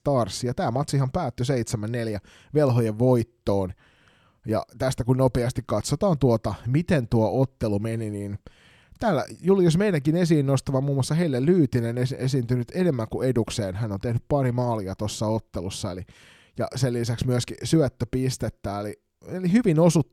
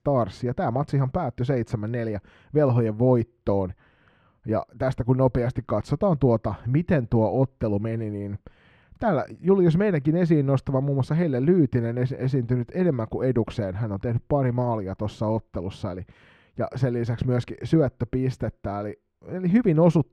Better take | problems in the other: first | muffled; slightly; fading above 4 kHz

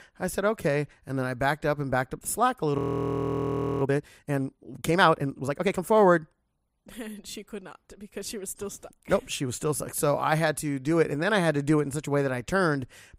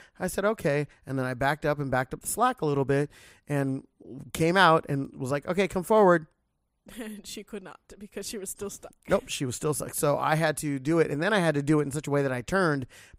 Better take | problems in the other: second | audio freezing; at 3 s for 1 s

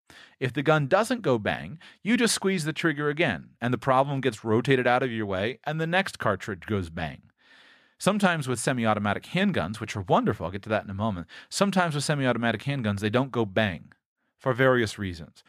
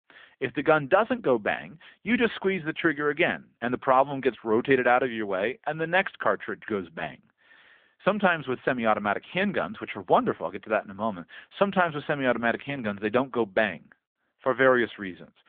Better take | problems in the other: first | phone-call audio

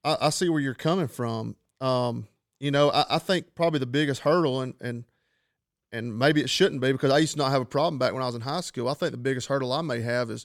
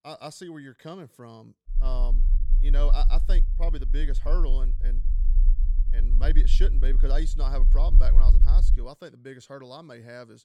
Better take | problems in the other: first | low rumble; noticeable; from 1.5 to 9 s; 10 dB below the speech

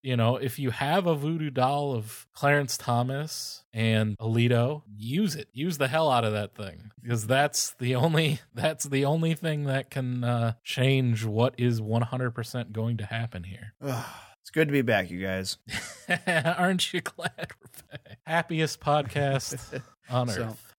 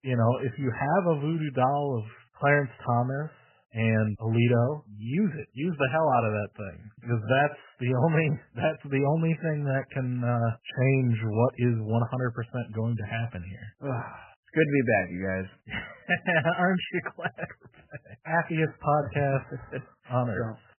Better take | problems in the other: first | garbled, watery; badly; nothing above 3 kHz

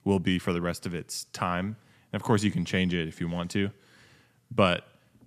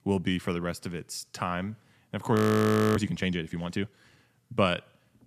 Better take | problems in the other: first | audio freezing; at 2.5 s for 0.5 s

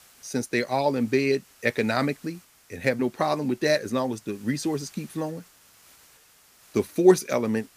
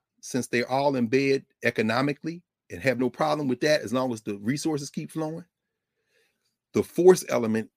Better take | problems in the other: second | hiss; faint; throughout; 25 dB below the speech

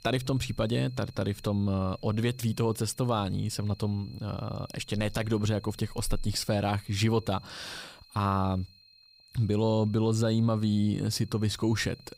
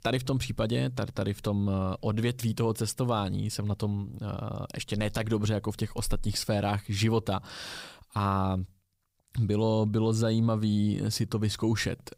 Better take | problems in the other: second | high-pitched whine; faint; throughout; 4 kHz, 25 dB below the speech

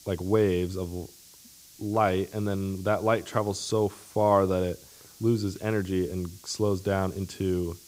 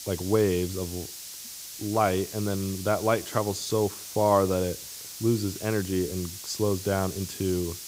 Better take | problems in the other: first | hiss; loud; throughout; 10 dB below the speech; faint in the first

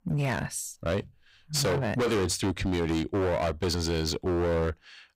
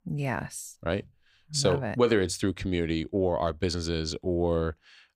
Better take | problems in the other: second | distortion; heavy; 20% of the sound clipped

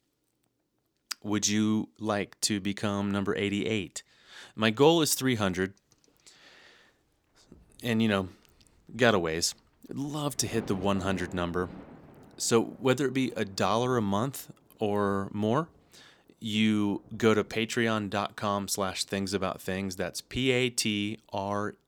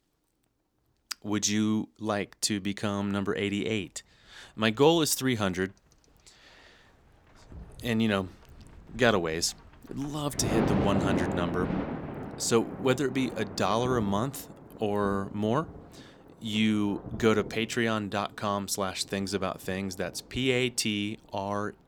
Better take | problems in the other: first | rain or running water; loud; throughout; 6 dB below the speech; faint in the first

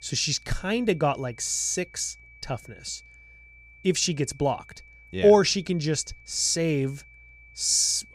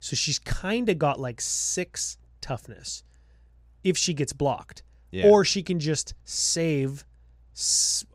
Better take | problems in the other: second | high-pitched whine; faint; throughout; 2.5 kHz, 25 dB below the speech

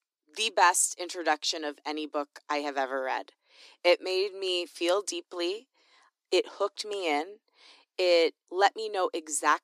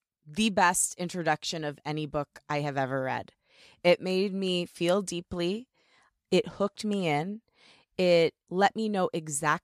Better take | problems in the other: second | thin; somewhat; fading below 300 Hz

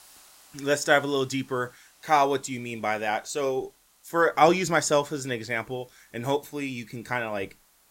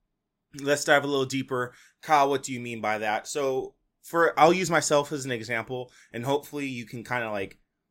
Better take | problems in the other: second | hiss; faint; throughout; 30 dB below the speech

